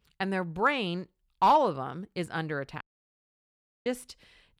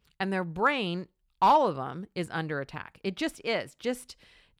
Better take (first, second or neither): second